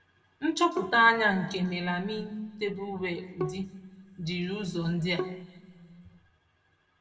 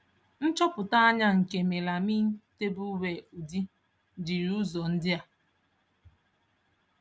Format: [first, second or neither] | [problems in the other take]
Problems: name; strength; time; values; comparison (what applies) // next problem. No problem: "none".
second | background sound (Bowed string instrument); 10 dB below the speech // room echo; dies away in 1.1 s